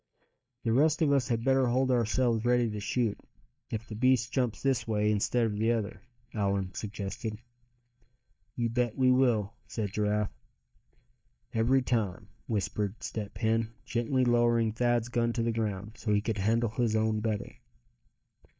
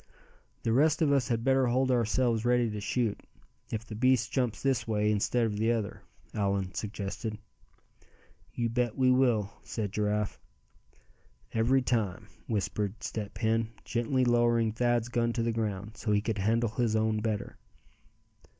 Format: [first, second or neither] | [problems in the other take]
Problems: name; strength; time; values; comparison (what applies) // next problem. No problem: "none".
second | noise reduction (neural mask model DeepFilterNet 3)